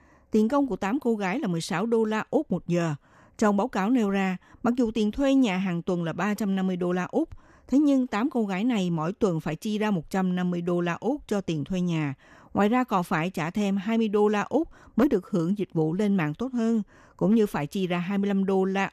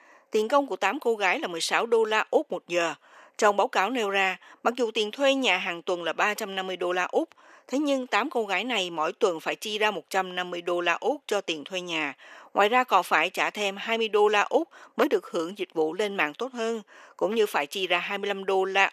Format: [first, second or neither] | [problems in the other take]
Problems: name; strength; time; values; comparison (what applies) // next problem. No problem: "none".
first | thin; very; fading below 450 Hz